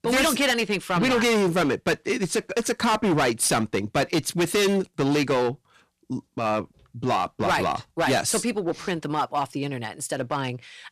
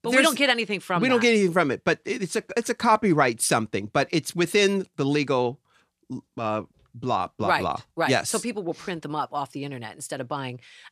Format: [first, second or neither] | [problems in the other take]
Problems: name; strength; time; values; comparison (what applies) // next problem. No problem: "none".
second | distortion; heavy; 14% of the sound clipped